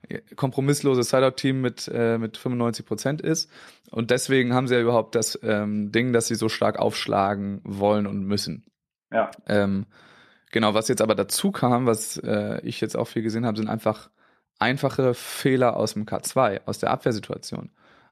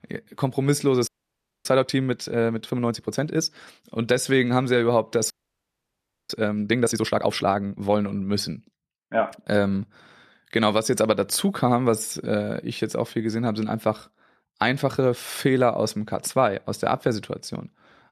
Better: first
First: none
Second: audio freezing; at 1 s for 0.5 s and at 5.5 s for 1 s

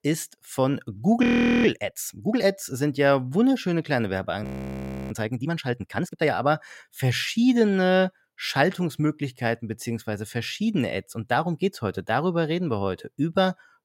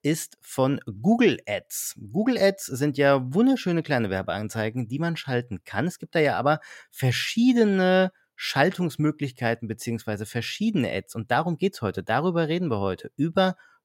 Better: second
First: audio freezing; at 1 s and at 4.5 s for 0.5 s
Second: none

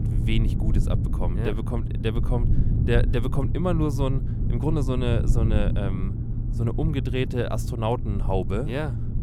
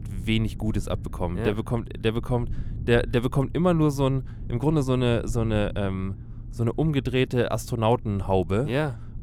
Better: second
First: low rumble; loud; throughout; 8 dB below the speech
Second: low rumble; faint; throughout; 25 dB below the speech

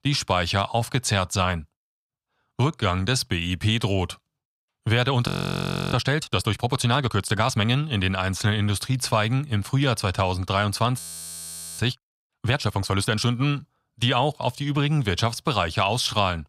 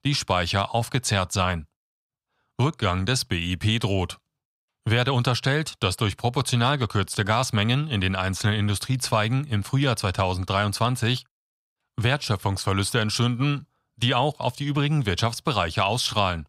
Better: second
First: audio freezing; at 5.5 s for 0.5 s and at 11 s for 1 s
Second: none

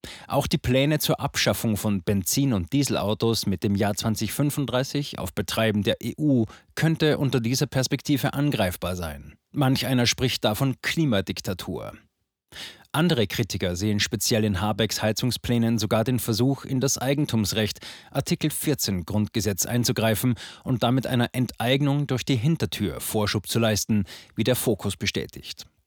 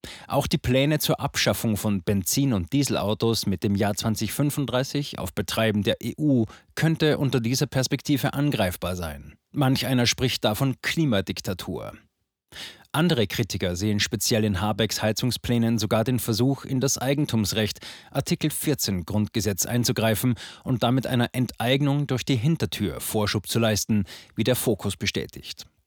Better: neither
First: none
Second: none

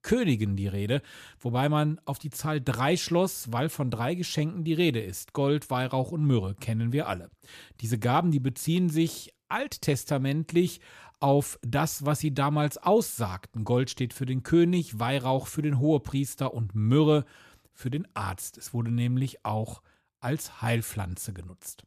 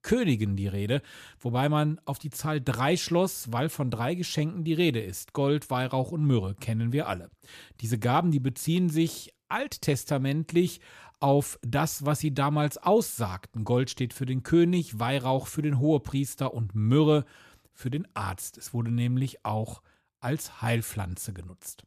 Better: neither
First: none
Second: none

